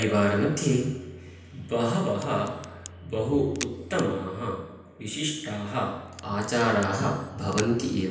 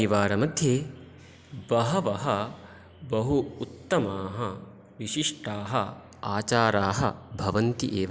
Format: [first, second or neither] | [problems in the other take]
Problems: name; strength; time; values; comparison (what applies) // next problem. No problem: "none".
second | background sound (Crack); 19 dB below the speech // room echo; dies away in 0.9 s